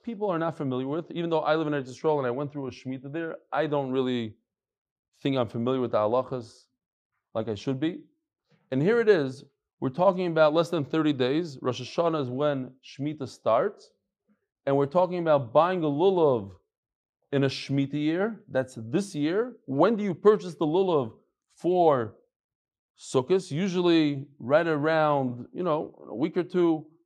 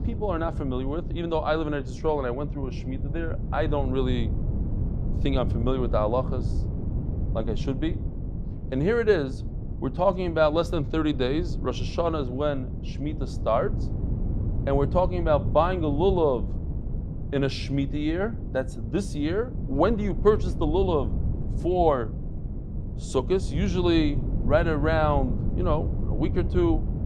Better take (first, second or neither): first